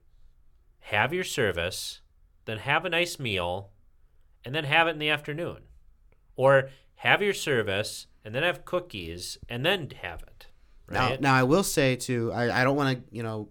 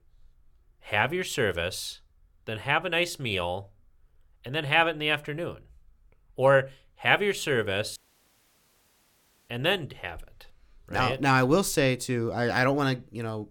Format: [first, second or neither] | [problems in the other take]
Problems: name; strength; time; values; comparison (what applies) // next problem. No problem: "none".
first | audio cutting out; at 8 s for 1.5 s